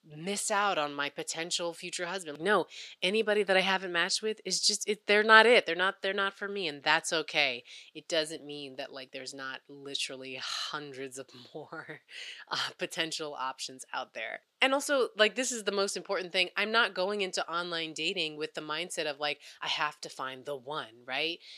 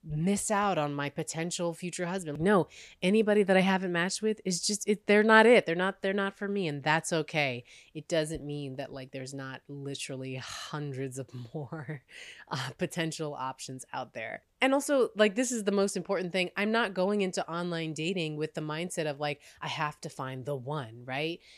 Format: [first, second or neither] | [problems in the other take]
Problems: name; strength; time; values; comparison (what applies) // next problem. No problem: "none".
second | thin; somewhat; fading below 350 Hz